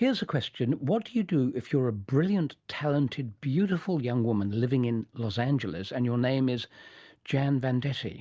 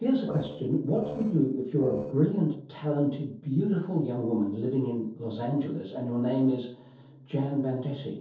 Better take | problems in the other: first | noise reduction (neural separator model SepFormer DNS4)

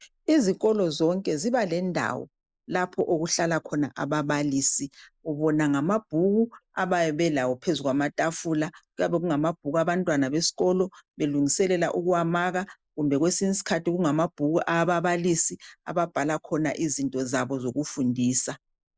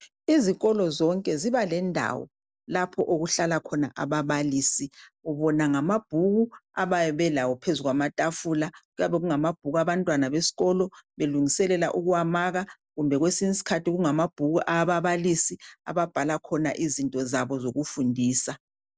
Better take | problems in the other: second | noise reduction (neural mask model Resemble Enhance denoiser)

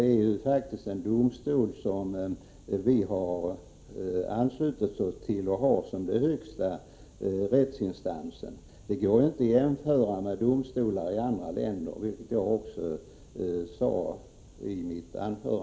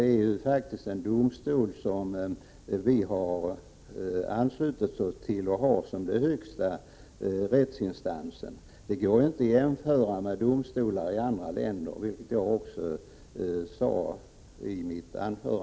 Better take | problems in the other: second | room echo; dies away in 0.5 s

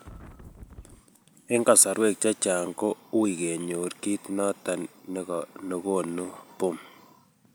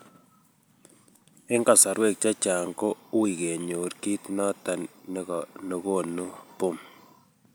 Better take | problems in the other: second | background sound (Wind); 17 dB below the speech

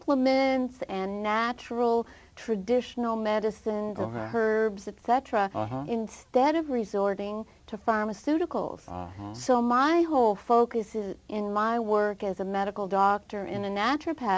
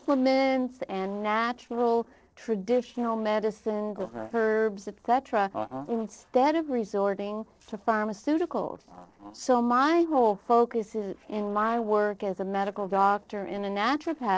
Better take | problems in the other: first | noise reduction (neural separator model SepFormer DNS4)

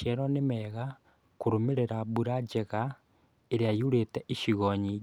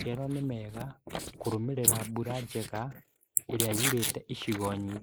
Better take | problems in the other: first | noise reduction (neural mask model Resemble Enhance denoiser)

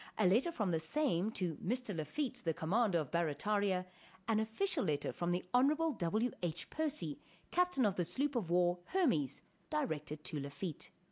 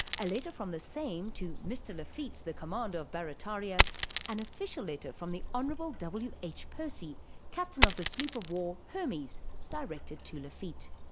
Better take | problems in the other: first | background sound (Coin (dropping)); 2 dB above the speech

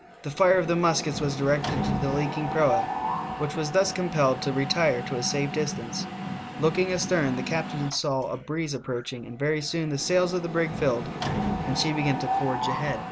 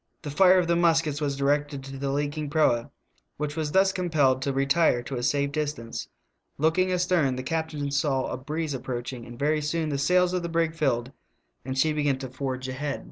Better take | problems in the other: second | background sound (Mechanisms); 5 dB below the speech

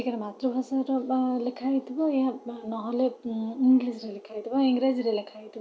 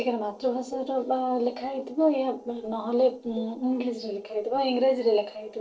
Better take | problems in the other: first | noise reduction (neural separator model SepFormer DNS4)

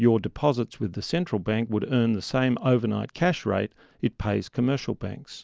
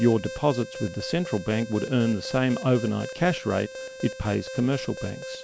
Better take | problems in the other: first | background sound (Alarm); 12 dB below the speech

